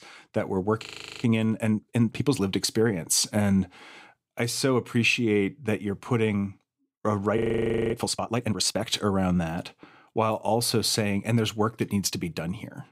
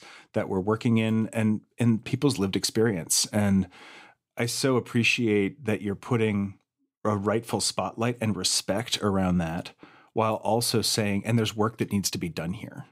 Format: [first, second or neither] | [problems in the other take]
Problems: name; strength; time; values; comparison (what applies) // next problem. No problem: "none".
second | audio freezing; at 1 s and at 7.5 s for 0.5 s